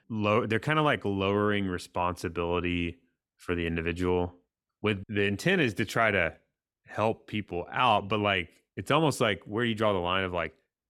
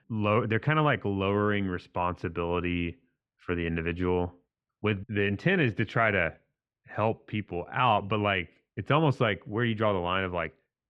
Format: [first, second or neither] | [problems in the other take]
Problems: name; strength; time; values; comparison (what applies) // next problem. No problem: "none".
first | muffled; slightly; fading above 2.5 kHz